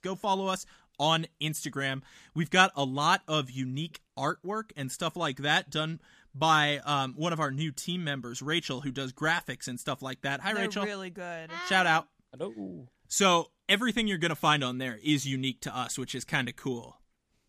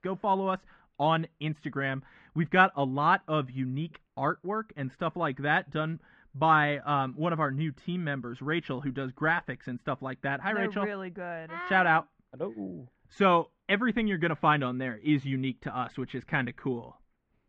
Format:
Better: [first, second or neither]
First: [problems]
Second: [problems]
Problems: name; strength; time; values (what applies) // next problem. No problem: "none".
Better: first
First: none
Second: muffled; very; fading above 2 kHz